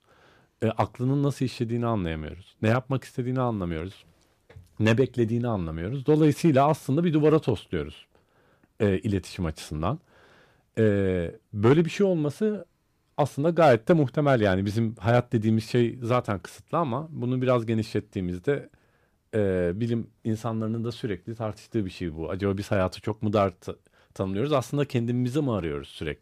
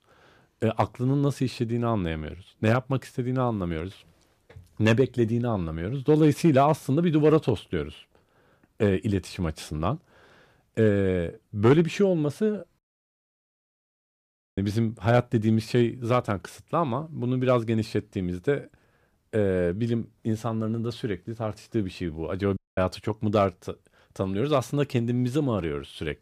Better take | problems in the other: first | audio cutting out; at 13 s for 2 s and at 23 s

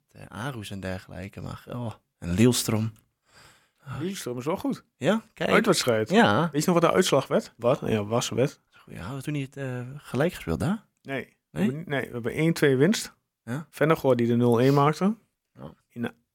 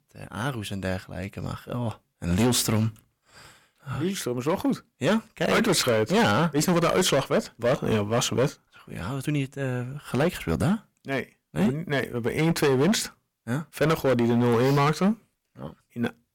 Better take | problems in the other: first | distortion; heavy; 9% of the sound clipped

